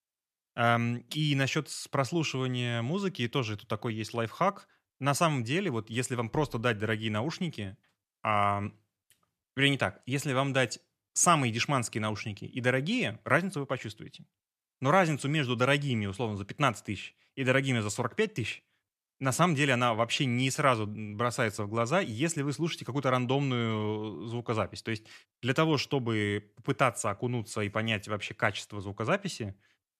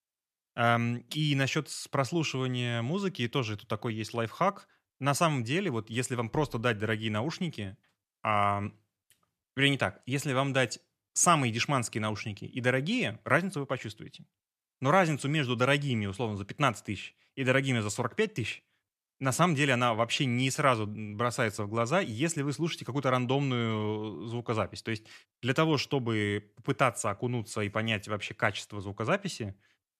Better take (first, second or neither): neither